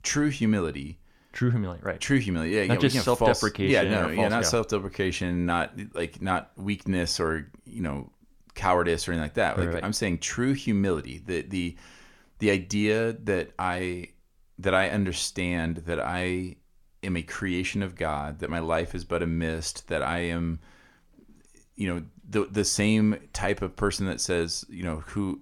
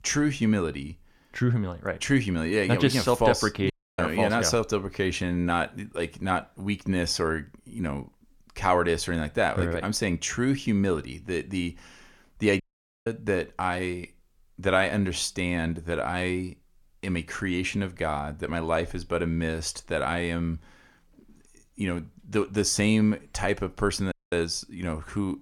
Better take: first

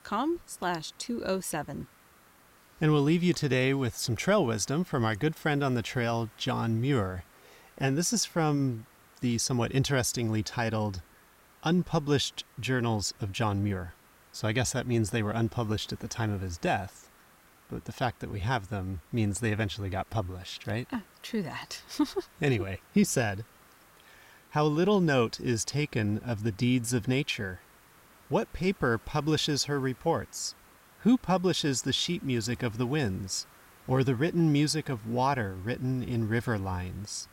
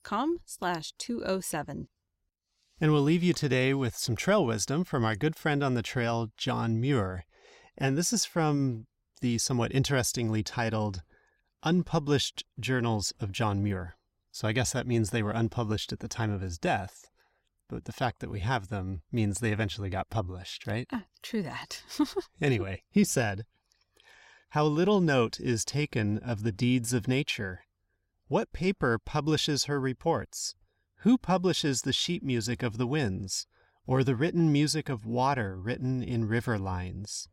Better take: second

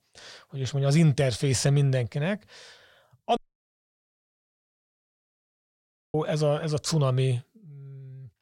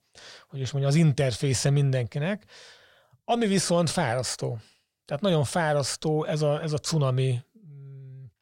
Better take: second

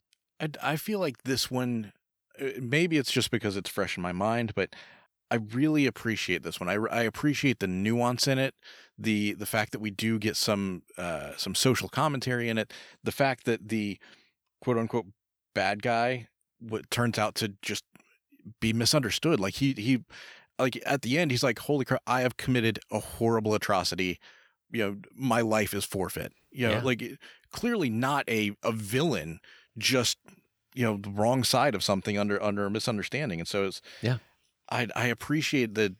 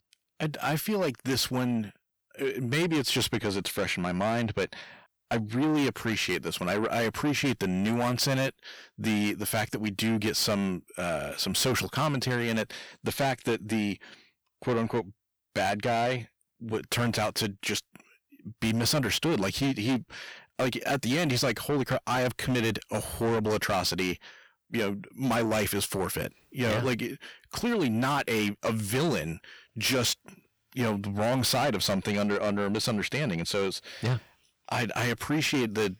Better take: first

